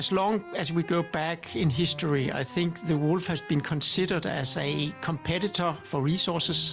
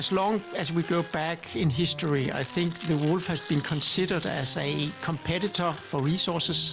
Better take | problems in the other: first | background sound (Tearing); 19 dB below the speech

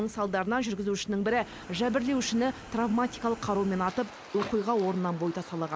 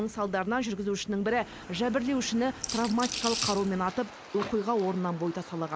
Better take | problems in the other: first | background sound (Rattle / Rattle (instrument)); 5 dB below the speech

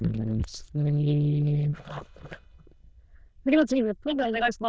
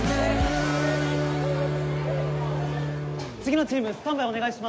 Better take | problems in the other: second | noise reduction (neural diffusion model UNIVERSE++)

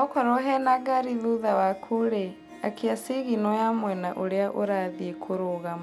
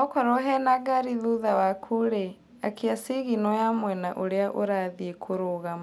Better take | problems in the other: second | background sound (Harp); 20 dB below the speech

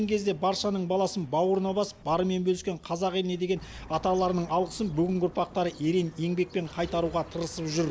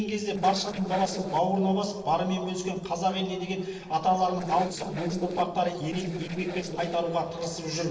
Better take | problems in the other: first | noise reduction (neural separator model SepFormer DNS4)

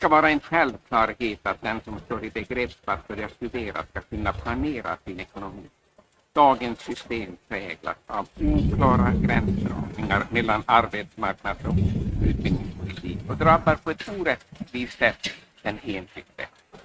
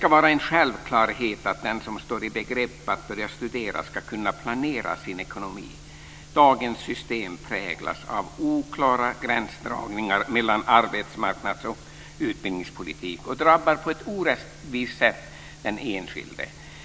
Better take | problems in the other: second | noise reduction (neural mask model RNNoise)

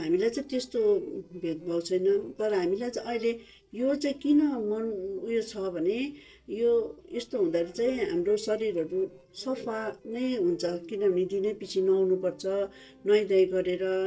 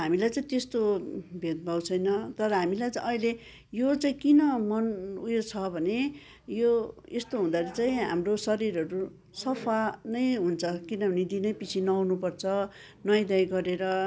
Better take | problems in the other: second | noise reduction (neural separator model SepFormer DNS4)

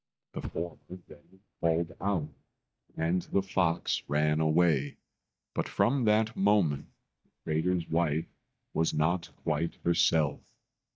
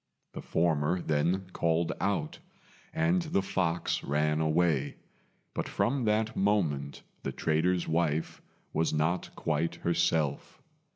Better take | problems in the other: second | noise reduction (neural mask model DeepFilterNet 3)

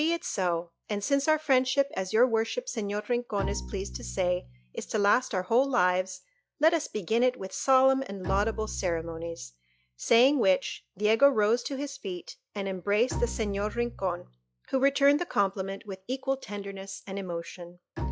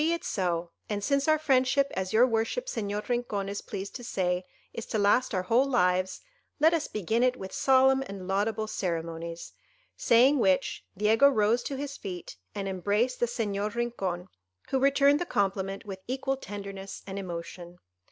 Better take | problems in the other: second | noise reduction (classical method log-MMSE)

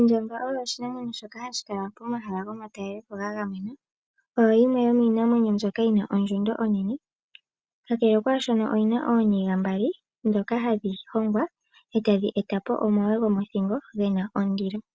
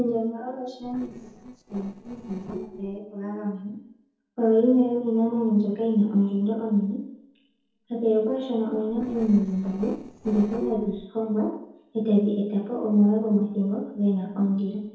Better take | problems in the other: first | noise reduction (neural separator model SepFormer DNS4)

